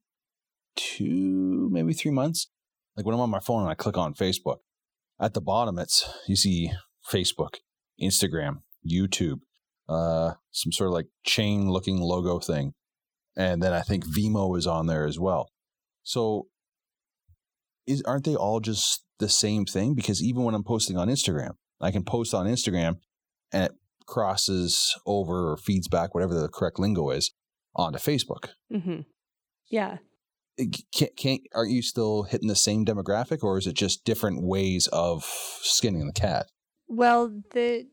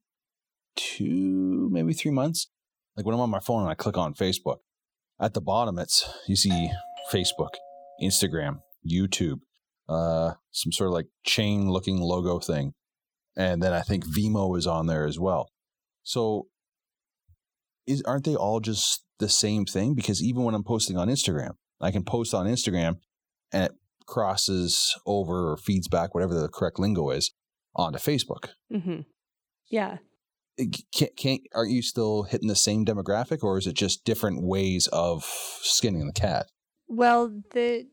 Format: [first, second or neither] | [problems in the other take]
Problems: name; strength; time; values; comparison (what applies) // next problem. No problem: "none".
first | doorbell; noticeable; from 6.5 to 8 s; peak 9 dB below the speech